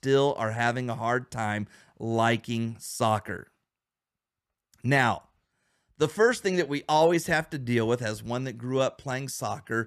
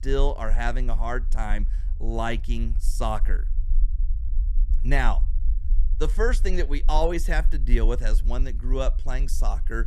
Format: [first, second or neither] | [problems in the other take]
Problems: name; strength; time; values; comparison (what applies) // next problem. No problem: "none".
first | low rumble; faint; throughout; 20 dB below the speech